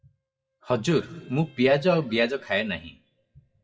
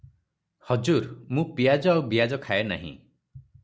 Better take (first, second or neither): second